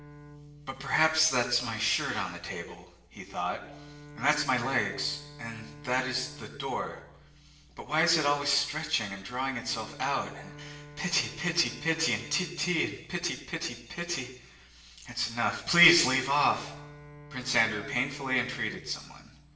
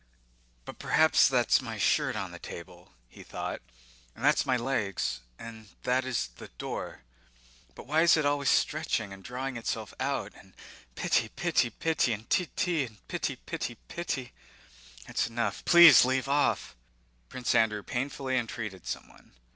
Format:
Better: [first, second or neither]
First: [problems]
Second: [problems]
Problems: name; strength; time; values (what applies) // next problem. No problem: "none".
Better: second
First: background sound (Bowed string instrument); 19 dB below the speech // room echo; dies away in 0.8 s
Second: none